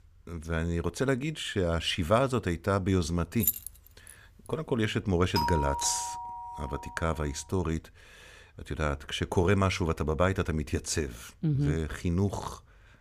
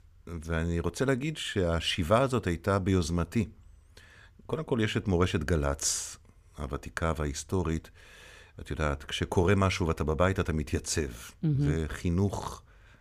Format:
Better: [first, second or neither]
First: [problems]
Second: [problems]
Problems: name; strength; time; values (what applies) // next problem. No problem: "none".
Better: second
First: jangling keys; loud; at 3.5 s; peak 1 dB above the speech // doorbell; noticeable; from 5.5 to 7 s; peak 1 dB below the speech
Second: none